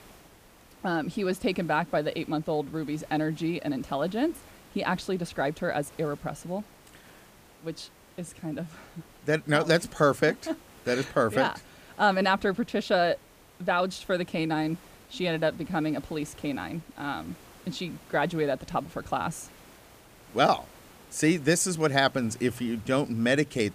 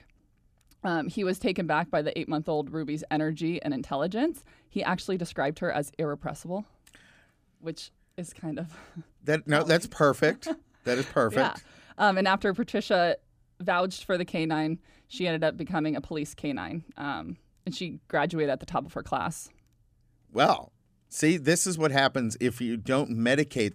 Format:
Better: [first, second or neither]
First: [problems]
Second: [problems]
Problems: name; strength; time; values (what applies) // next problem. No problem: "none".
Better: second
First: hiss; faint; throughout; 25 dB below the speech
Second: none